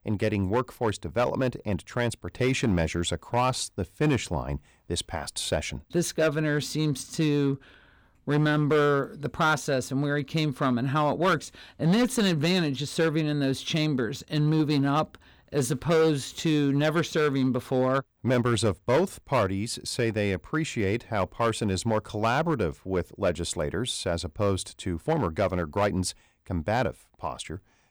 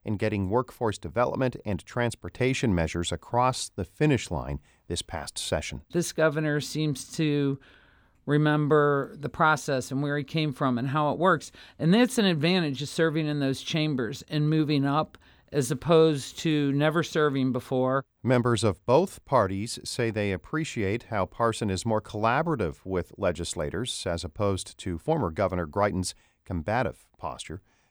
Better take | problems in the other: second | distortion; slight; 5% of the sound clipped

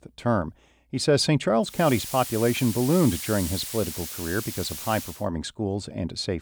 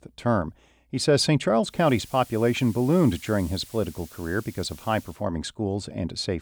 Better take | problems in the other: second | hiss; loud; from 2 to 5 s; 7 dB below the speech; faint in the second

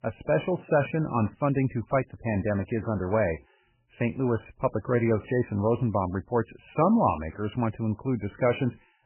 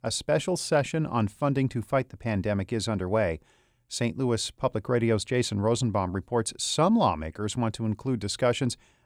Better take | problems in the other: second | garbled, watery; badly; nothing above 3 kHz

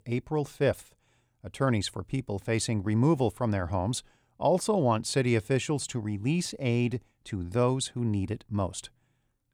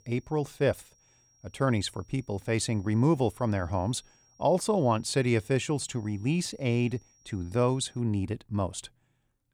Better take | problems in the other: first | high-pitched whine; faint; until 8 s; 5.5 kHz, 35 dB below the speech

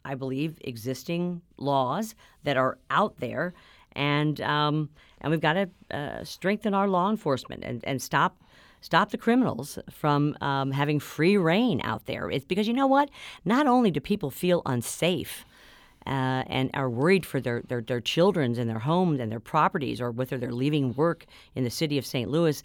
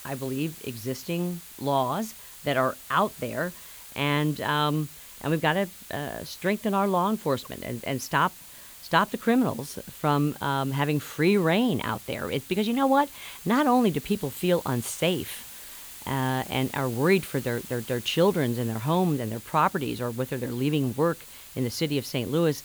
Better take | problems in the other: first | hiss; noticeable; throughout; 15 dB below the speech

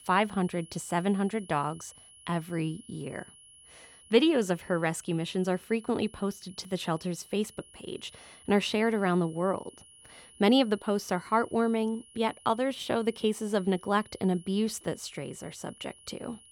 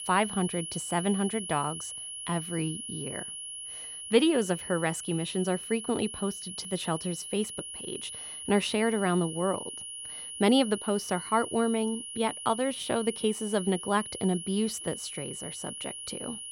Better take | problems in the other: first | high-pitched whine; loud; throughout; 10.5 kHz, 7 dB below the speech; faint in the first

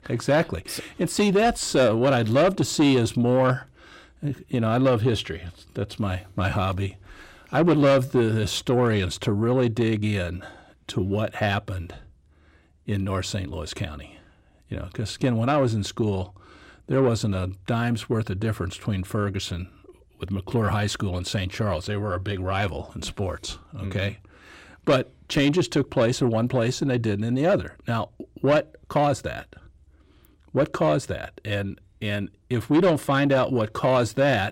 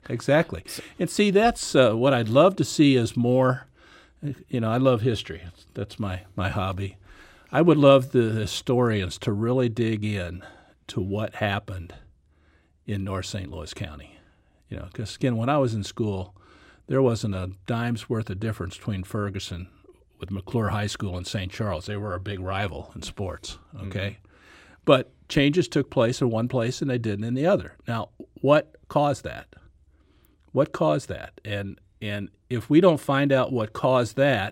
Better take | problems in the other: second | distortion; slight; 10 dB below the speech

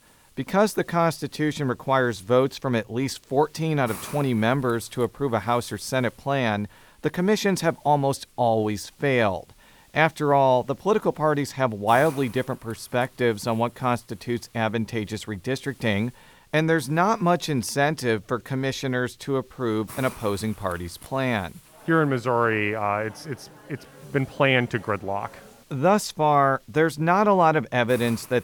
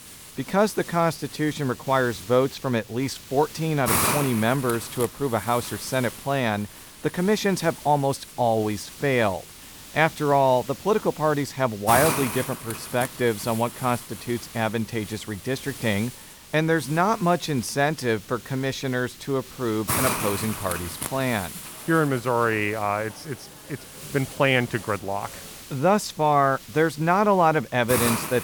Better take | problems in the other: first | hiss; loud; throughout; 8 dB below the speech; faint in the first

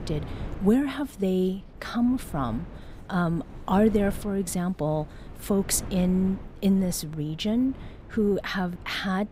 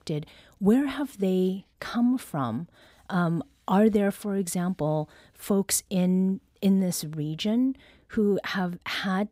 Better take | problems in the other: second | wind noise on the microphone; occasional gusts; 20 dB below the speech

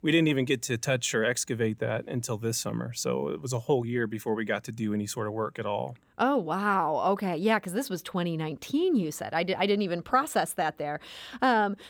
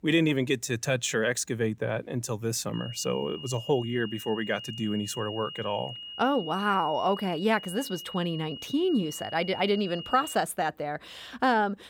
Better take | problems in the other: first | high-pitched whine; noticeable; from 2.5 to 10 s; 3 kHz, 10 dB below the speech

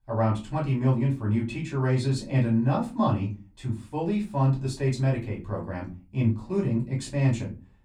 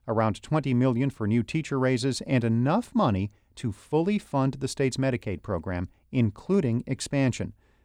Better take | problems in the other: second | off-mic speech; far // room echo; very slight; dies away in 0.2 s

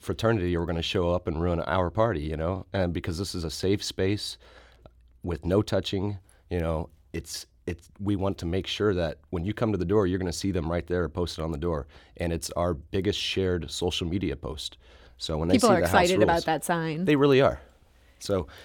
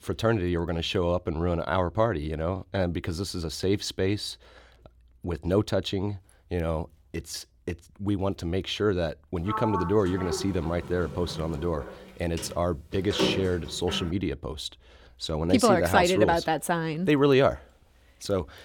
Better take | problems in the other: first | door banging; noticeable; from 9.5 to 14 s; peak 1 dB below the speech

